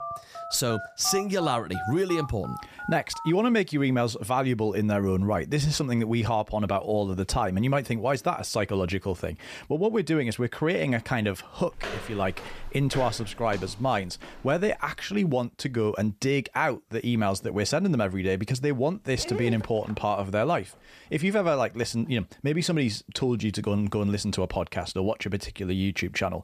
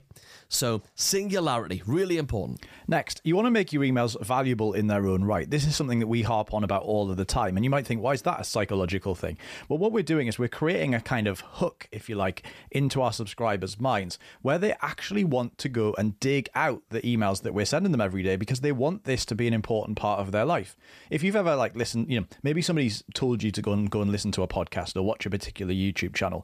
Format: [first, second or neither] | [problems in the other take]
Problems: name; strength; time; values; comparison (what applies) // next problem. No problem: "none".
second | phone ringing; noticeable; until 3.5 s; peak 8 dB below the speech // footsteps; noticeable; from 12 to 15 s; peak 9 dB below the speech // dog barking; noticeable; from 19 to 20 s; peak 7 dB below the speech